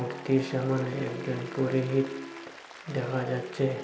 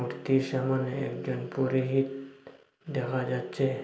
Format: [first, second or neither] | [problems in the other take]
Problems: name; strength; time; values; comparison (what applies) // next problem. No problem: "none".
second | background sound (Applause + Wind instrument, woodwind instrument); 14 dB below the speech